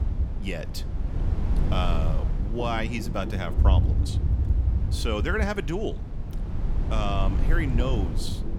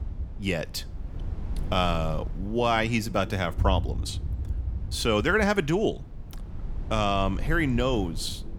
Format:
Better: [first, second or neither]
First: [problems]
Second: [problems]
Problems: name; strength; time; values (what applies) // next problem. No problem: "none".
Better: second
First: low rumble; loud; throughout; 9 dB below the speech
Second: low rumble; faint; throughout; 20 dB below the speech